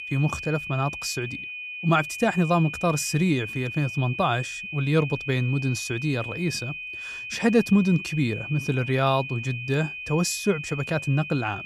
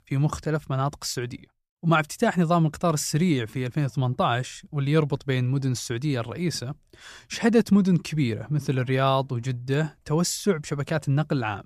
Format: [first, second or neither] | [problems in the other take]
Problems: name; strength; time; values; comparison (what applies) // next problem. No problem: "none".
second | high-pitched whine; loud; throughout; 2.5 kHz, 8 dB below the speech